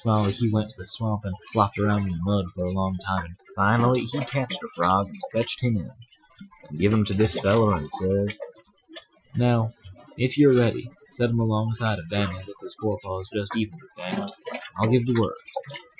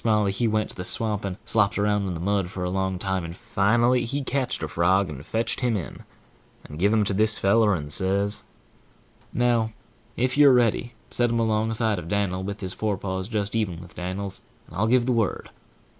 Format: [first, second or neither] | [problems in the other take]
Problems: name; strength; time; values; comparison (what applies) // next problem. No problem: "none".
second | noise reduction (classical method Wiener filter)